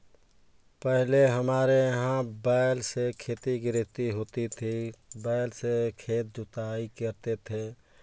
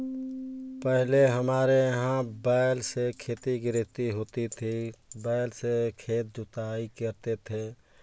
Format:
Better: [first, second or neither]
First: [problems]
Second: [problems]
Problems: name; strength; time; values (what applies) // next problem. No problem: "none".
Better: first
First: none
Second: background sound (Piano); 17 dB below the speech